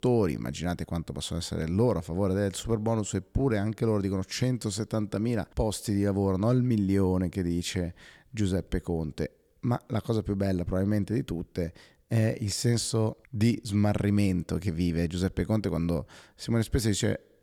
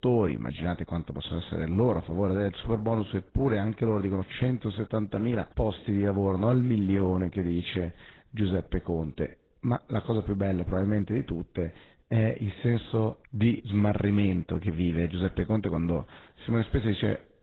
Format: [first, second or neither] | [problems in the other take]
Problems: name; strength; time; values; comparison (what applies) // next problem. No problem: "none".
first | garbled, watery; badly; nothing above 4 kHz